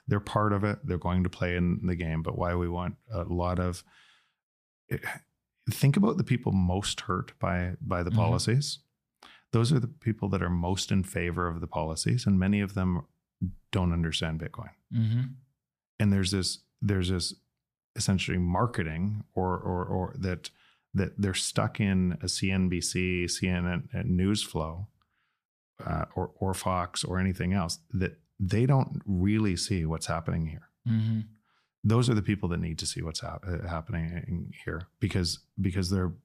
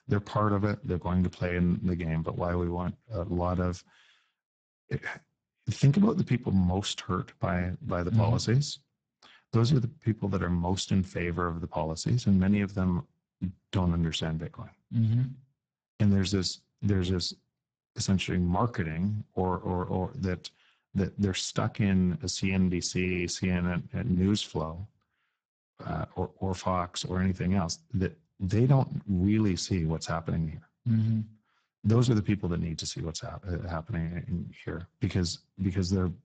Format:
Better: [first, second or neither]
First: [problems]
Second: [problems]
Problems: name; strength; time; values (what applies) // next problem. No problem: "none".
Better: first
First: none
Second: garbled, watery; badly; nothing above 8 kHz